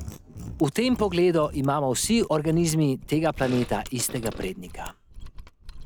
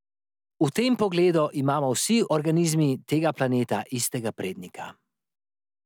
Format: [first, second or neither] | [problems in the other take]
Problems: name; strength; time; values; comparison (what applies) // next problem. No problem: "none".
second | background sound (Mechanisms + Fart); 14 dB below the speech